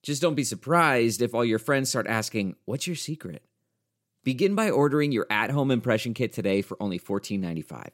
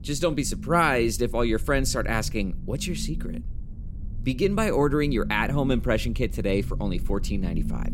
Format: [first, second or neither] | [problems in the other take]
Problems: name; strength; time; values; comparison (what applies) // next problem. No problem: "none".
first | low rumble; noticeable; throughout; 20 dB below the speech